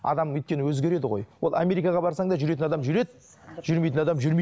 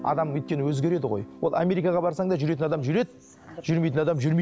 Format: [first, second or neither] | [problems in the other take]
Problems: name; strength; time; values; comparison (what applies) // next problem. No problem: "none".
first | background sound (Guitar); 20 dB below the speech